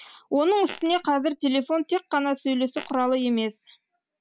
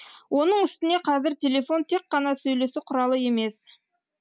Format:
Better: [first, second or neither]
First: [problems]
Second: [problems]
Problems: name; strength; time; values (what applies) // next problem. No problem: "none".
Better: second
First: background sound (Fart); 18 dB below the speech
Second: none